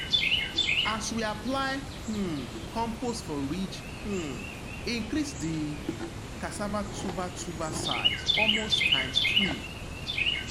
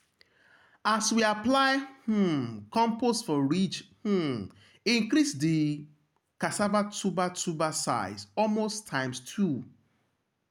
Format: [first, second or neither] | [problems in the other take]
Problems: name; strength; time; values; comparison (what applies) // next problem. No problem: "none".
second | background sound (Chirp, tweet); 3 dB above the speech